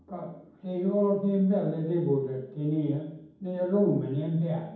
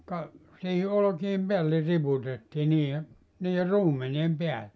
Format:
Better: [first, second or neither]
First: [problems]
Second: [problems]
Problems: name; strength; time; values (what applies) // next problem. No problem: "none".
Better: second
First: room echo; dies away in 1.2 s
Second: none